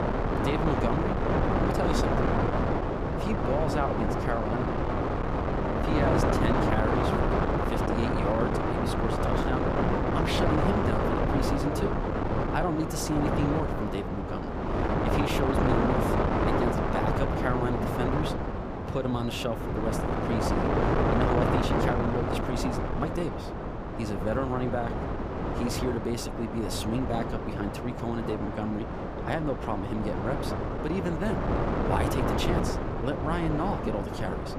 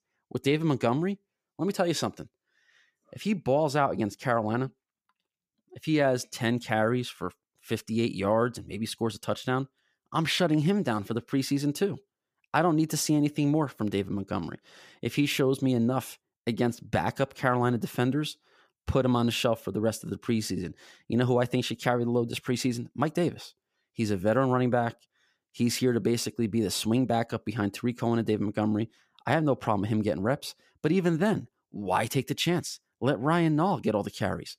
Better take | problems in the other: second | wind noise on the microphone; heavy; 4 dB above the speech

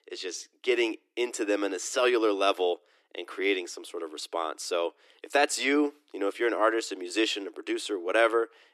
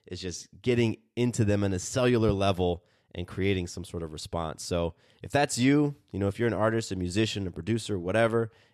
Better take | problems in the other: second | thin; somewhat; fading below 300 Hz

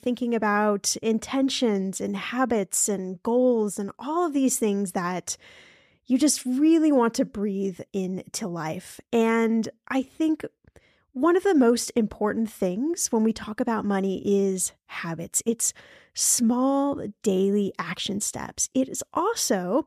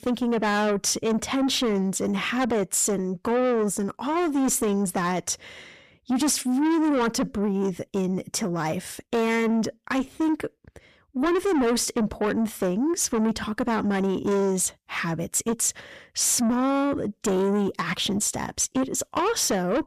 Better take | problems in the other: first | distortion; heavy; 8 dB below the speech

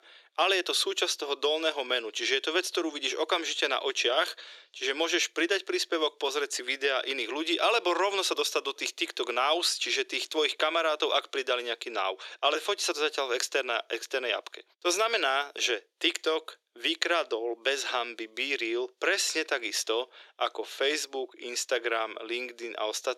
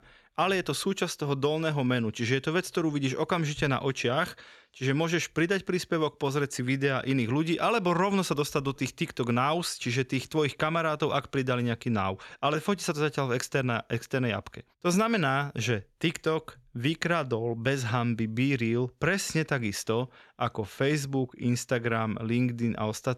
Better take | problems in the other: second | thin; very; fading below 350 Hz

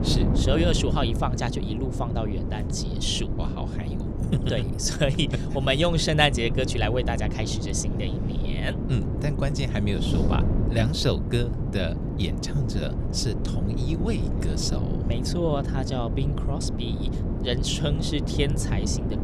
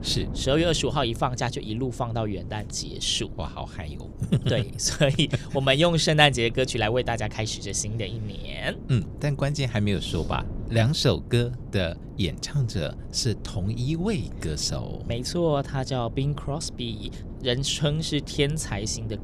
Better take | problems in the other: second | wind noise on the microphone; heavy; 7 dB below the speech; occasional gusts in the second

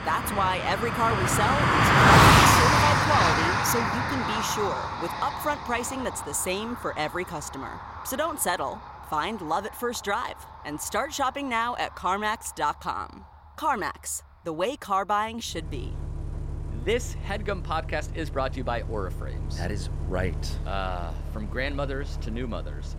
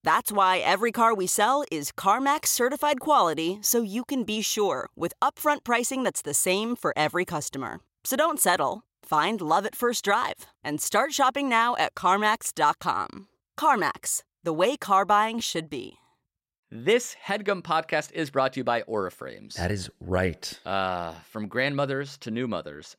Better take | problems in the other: second | traffic noise; very loud; throughout; 5 dB above the speech

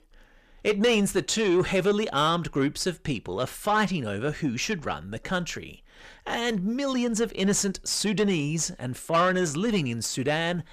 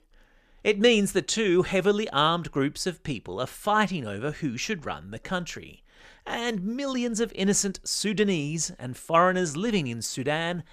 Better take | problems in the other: second | distortion; slight; 10 dB below the speech

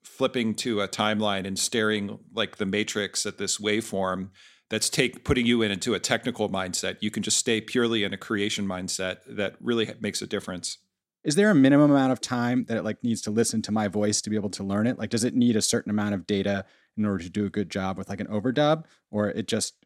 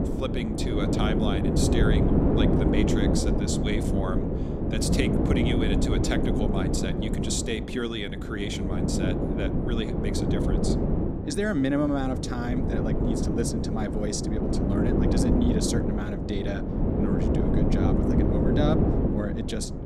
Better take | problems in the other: first | wind noise on the microphone; heavy; 2 dB above the speech

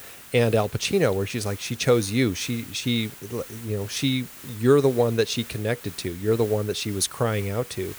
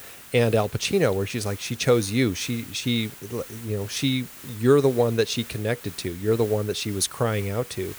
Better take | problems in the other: neither | hiss; noticeable; throughout; 15 dB below the speech; the same in both

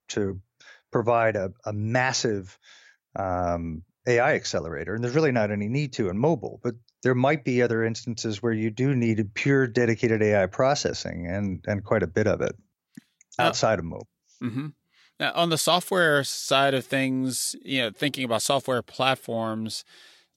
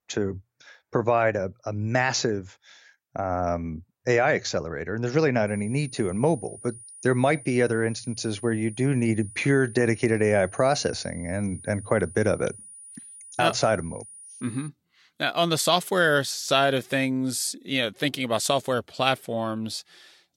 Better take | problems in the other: first | high-pitched whine; noticeable; from 5.5 to 15 s; 9.5 kHz, 15 dB below the speech

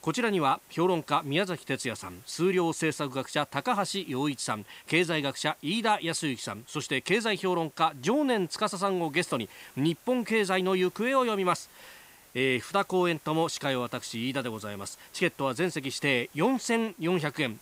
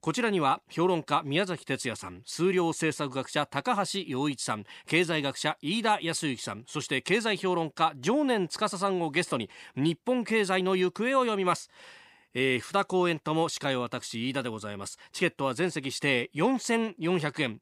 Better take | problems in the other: second | hiss; faint; throughout; 25 dB below the speech

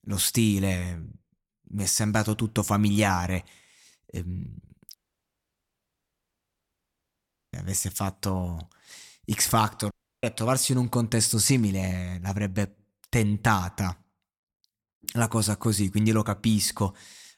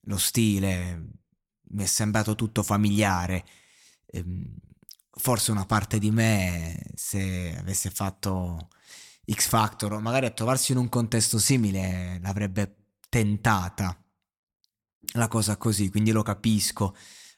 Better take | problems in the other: second | audio cutting out; at 5 s for 2.5 s and at 10 s

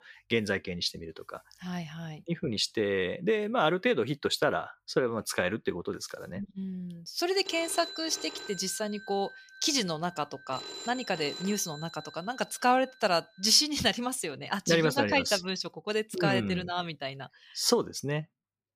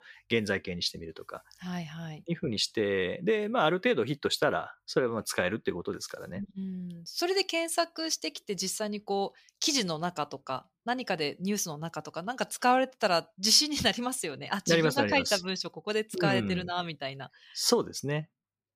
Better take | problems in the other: second | phone ringing; noticeable; from 7.5 to 14 s; peak 9 dB below the speech

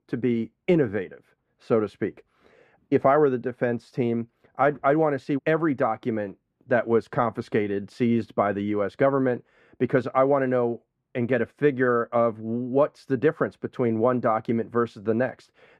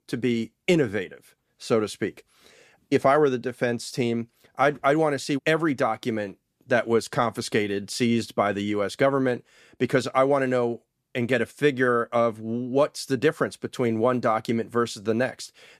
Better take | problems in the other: second | muffled; very; fading above 3 kHz

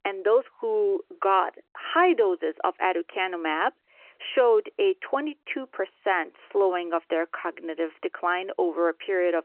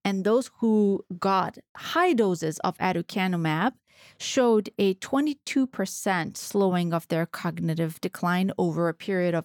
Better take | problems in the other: second | phone-call audio

